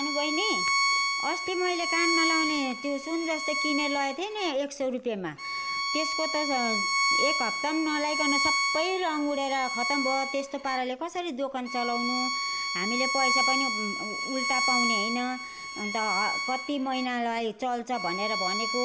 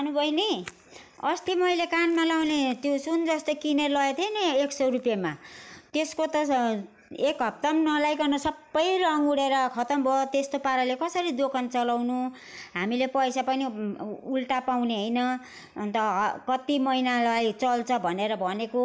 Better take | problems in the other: second | background sound (Bowed string instrument); 1 dB above the speech

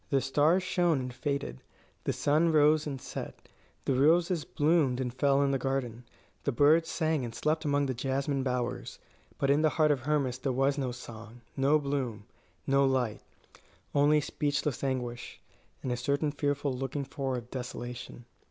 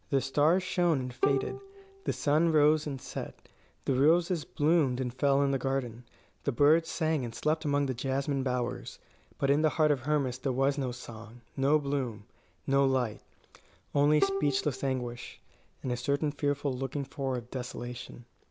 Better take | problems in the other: first | background sound (Bowed string instrument); 8 dB below the speech

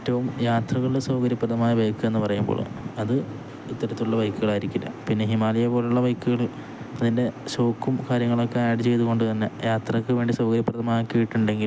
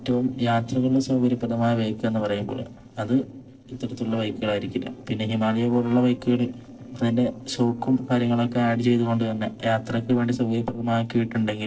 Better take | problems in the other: first | noise reduction (neural separator model SepFormer DNS4)

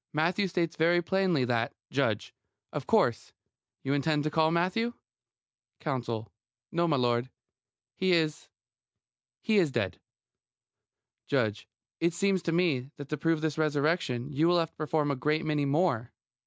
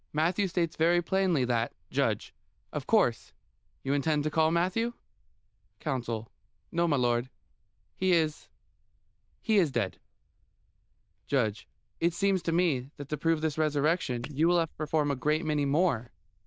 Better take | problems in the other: first | noise reduction (neural diffusion model UNIVERSE++)

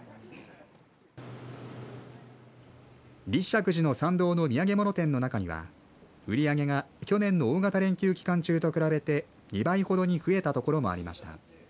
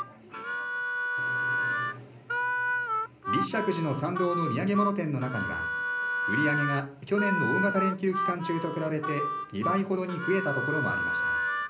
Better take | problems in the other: first | background sound (Harmonica); as loud as the speech // room echo; dies away in 0.5 s

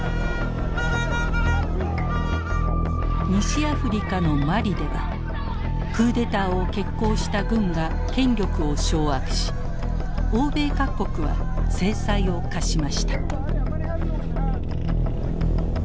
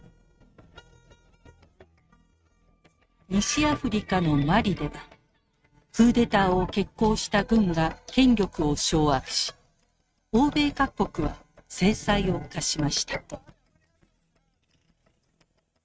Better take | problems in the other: first | noise reduction (neural mask model RNNoise)

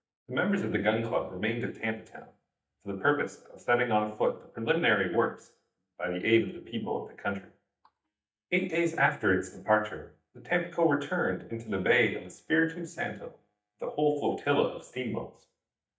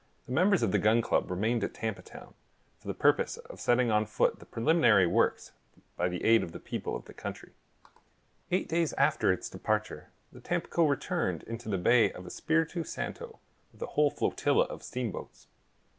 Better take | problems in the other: second | noise reduction (neural mask model DeepFilterNet 3)

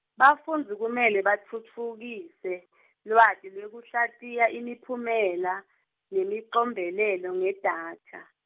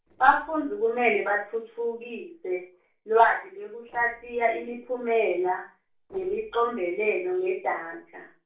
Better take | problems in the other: first | noise reduction (neural separator model SepFormer DNS4)

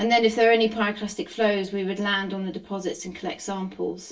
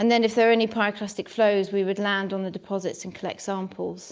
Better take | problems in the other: second | room echo; dies away in 0.1 s

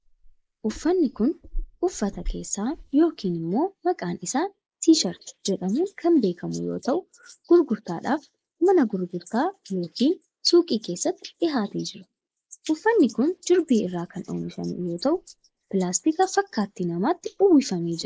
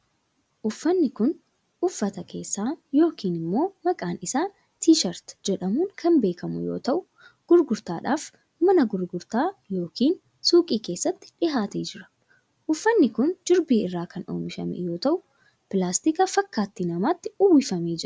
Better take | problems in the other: second | noise reduction (neural mask model Resemble Enhance denoiser)

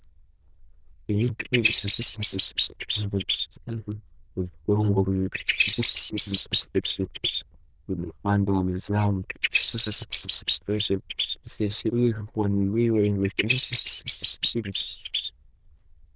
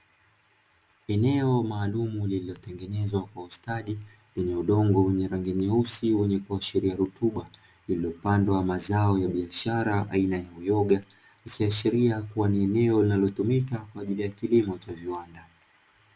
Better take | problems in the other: second | noise reduction (neural diffusion model UNIVERSE++)

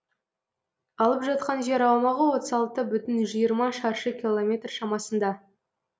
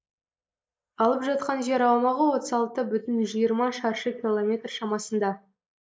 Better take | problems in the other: first | noise reduction (neural mask model Resemble Enhance denoiser)

